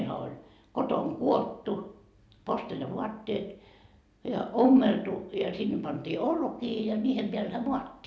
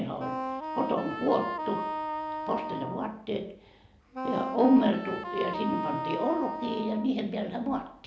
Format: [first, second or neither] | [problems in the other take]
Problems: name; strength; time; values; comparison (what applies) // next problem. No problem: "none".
first | background sound (Wind instrument, woodwind instrument); 5 dB below the speech